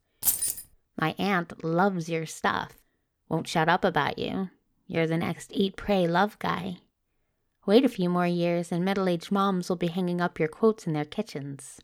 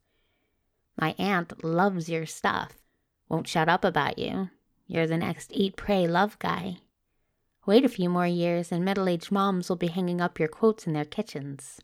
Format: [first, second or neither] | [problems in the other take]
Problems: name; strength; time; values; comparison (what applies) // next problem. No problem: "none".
second | jangling keys; loud; at the start; peak 3 dB above the speech